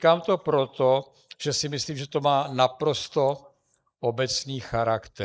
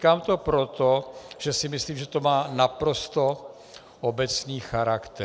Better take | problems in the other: second | noise reduction (neural mask model Resemble Enhance denoiser)

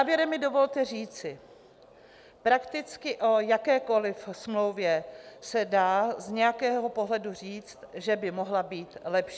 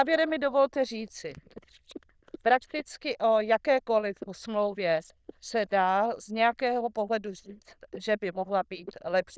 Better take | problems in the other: first | noise reduction (neural diffusion model UNIVERSE++)

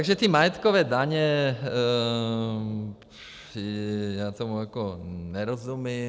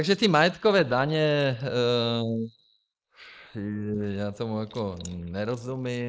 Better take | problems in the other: first | noise reduction (neural mask model Resemble Enhance denoiser)

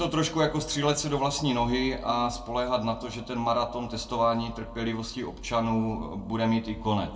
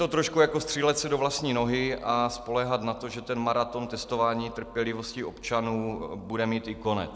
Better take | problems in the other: second | room echo; dies away in 0.2 s

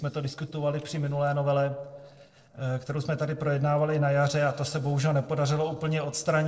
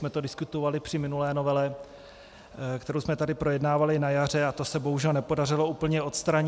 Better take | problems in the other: second | noise reduction (neural separator model SepFormer DNS4)

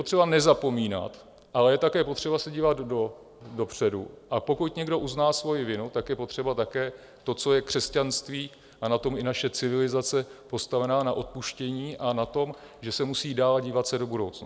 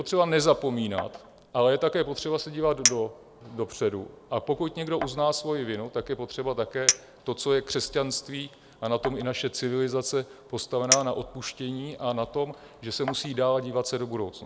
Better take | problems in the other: first | background sound (Chink, clink); 8 dB below the speech

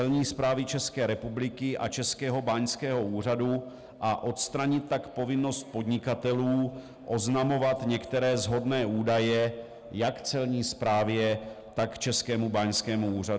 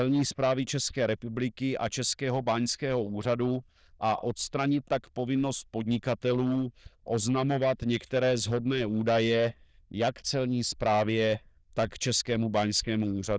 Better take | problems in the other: first | noise reduction (neural diffusion model UNIVERSE++)

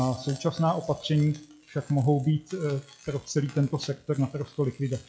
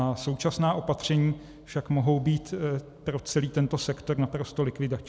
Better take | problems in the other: second | noise reduction (classical method log-MMSE)

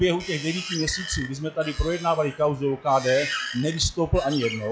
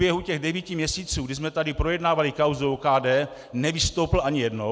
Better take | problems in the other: second | noise reduction (classical method log-MMSE)

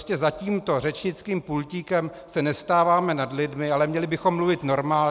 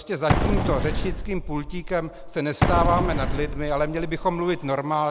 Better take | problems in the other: first | background sound (Explosion); as loud as the speech

